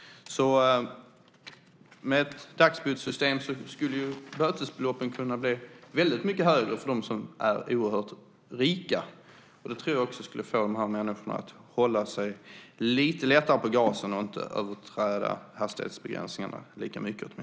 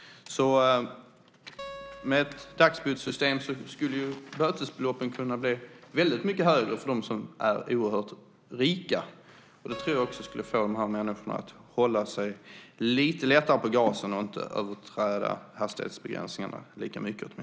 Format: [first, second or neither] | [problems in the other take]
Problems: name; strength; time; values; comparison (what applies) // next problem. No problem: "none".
first | background sound (Acoustic guitar); 19 dB below the speech